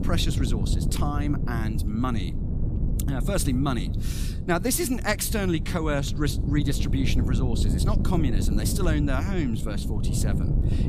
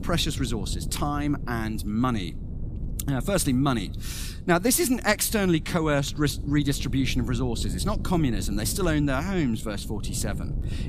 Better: second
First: wind noise on the microphone; heavy; 8 dB below the speech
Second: wind noise on the microphone; occasional gusts; 20 dB below the speech

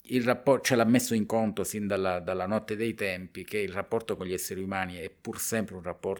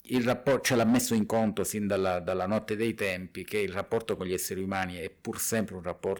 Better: first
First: none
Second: distortion; slight; 4% of the sound clipped

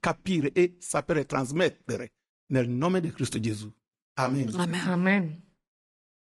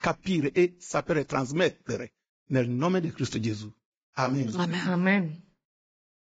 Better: first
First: garbled, watery; slightly; nothing above 10.5 kHz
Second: garbled, watery; badly; nothing above 7.5 kHz

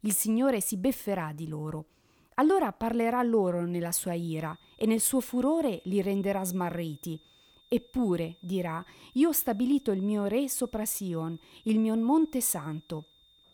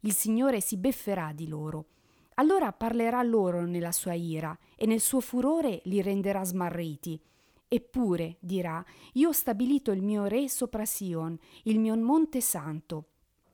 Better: second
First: high-pitched whine; faint; from 4 s on; 3.5 kHz, 30 dB below the speech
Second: none

